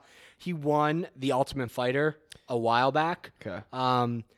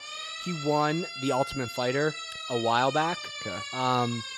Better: first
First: none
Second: siren; noticeable; peak 6 dB below the speech

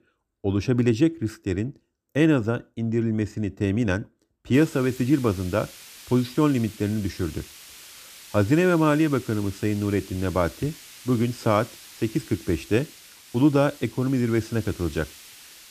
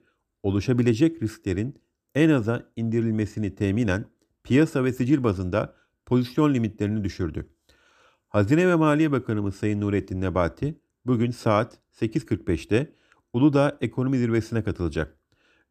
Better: second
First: hiss; noticeable; from 4.5 s on; 20 dB below the speech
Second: none

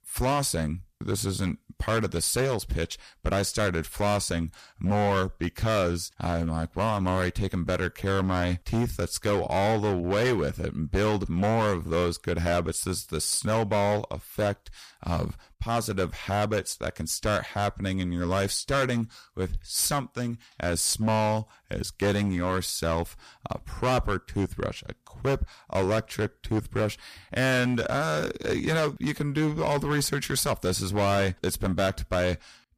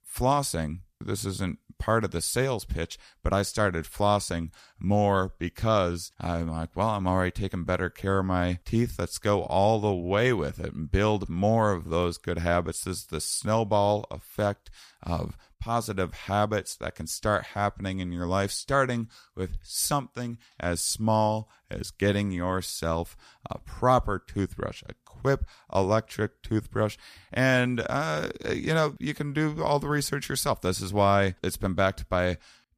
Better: second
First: distortion; heavy; 10% of the sound clipped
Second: none

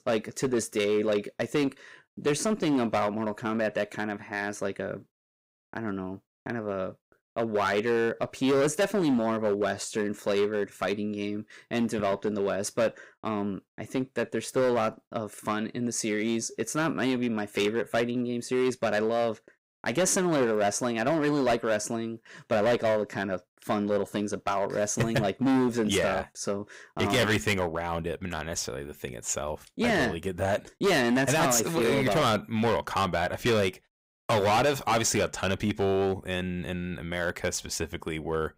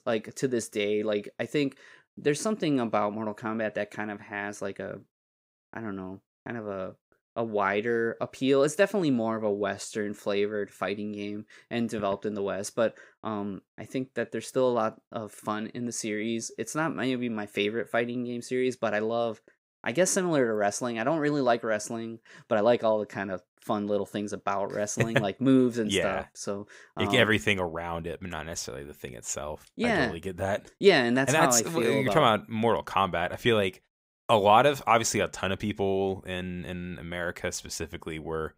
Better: second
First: distortion; heavy; 8% of the sound clipped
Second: none

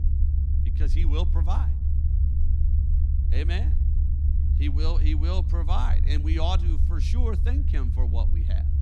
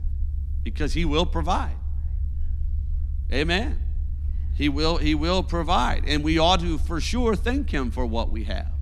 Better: second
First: low rumble; loud; throughout; 6 dB below the speech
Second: low rumble; faint; throughout; 25 dB below the speech

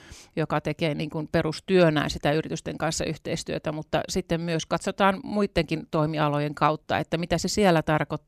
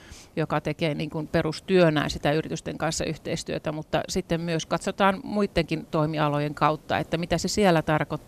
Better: first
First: none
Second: hiss; faint; throughout; 25 dB below the speech

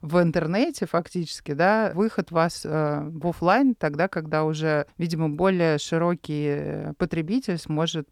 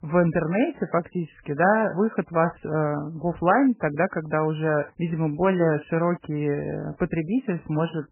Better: first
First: none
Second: garbled, watery; badly; nothing above 3 kHz

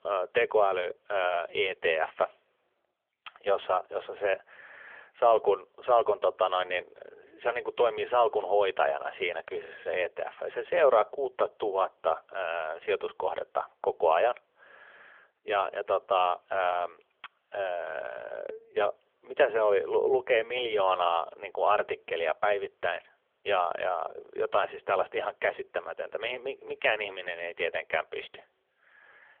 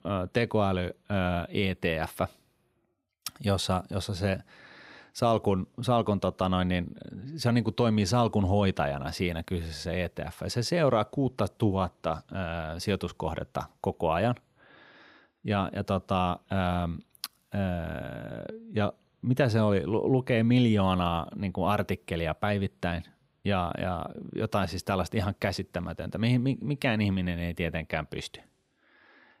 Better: second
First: phone-call audio; nothing above 3.5 kHz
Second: none

